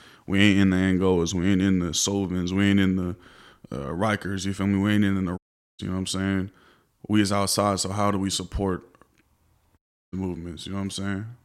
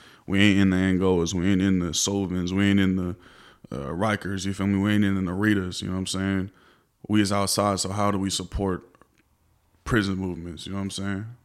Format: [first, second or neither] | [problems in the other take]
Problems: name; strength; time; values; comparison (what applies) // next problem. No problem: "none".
second | audio cutting out; at 5.5 s and at 10 s